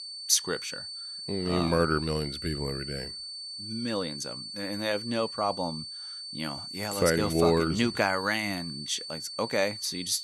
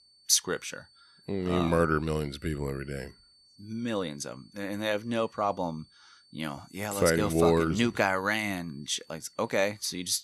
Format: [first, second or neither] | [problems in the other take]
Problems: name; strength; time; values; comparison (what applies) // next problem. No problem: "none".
second | high-pitched whine; loud; throughout; 4.5 kHz, 8 dB below the speech; faint in the second